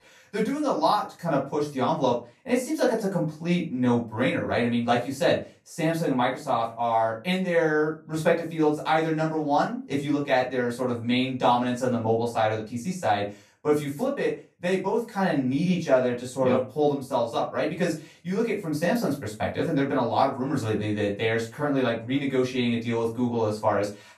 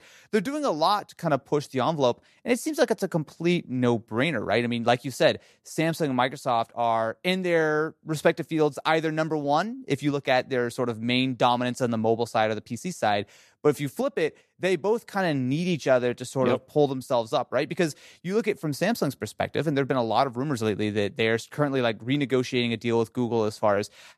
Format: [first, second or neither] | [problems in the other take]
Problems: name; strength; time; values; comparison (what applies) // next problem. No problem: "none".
second | off-mic speech; far // room echo; slight; dies away in 0.3 s